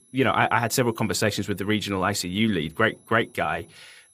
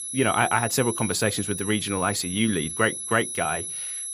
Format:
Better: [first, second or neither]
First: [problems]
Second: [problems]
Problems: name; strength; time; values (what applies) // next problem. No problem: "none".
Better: first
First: high-pitched whine; faint; throughout; 11 kHz, 30 dB below the speech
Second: high-pitched whine; loud; throughout; 11 kHz, 5 dB below the speech